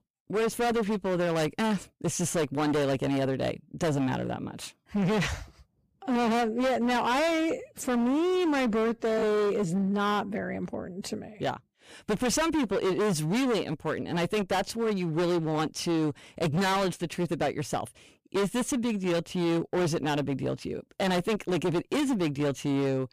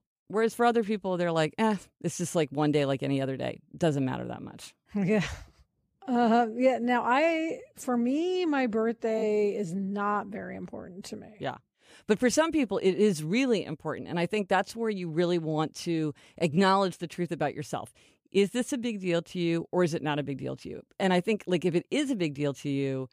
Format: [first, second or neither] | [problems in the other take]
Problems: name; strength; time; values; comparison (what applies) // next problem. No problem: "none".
second | distortion; heavy; 23% of the sound clipped